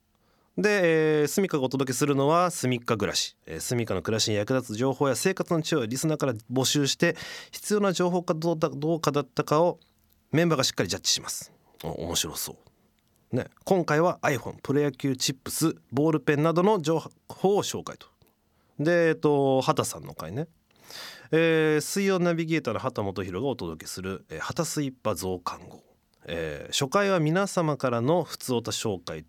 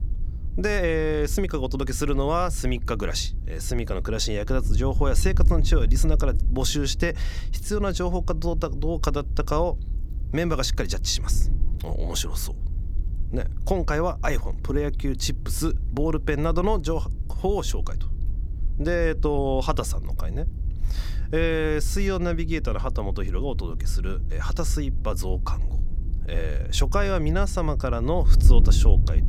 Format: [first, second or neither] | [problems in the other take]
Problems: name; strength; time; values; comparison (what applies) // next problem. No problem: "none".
first | wind noise on the microphone; occasional gusts; 20 dB below the speech